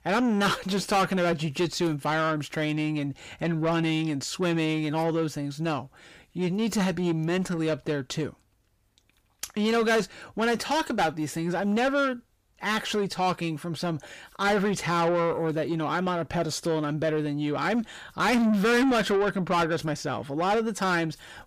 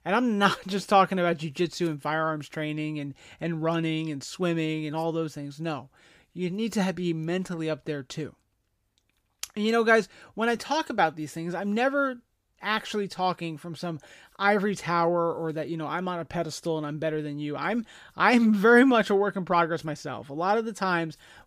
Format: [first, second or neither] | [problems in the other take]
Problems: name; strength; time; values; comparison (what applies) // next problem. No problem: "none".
second | distortion; heavy; 7 dB below the speech